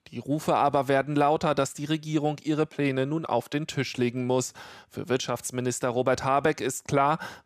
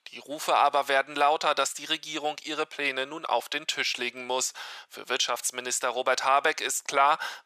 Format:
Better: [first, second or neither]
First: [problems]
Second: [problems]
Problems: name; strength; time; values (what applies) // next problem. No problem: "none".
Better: first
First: none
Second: thin; very; fading below 800 Hz